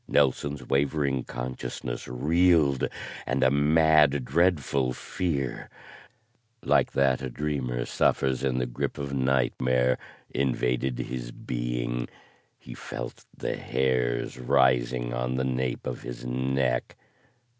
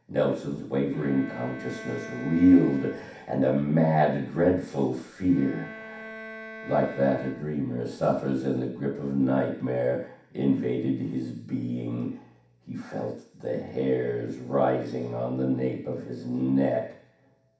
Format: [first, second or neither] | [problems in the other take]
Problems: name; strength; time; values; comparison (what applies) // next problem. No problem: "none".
first | background sound (Bowed string instrument); 17 dB below the speech // room echo; dies away in 0.7 s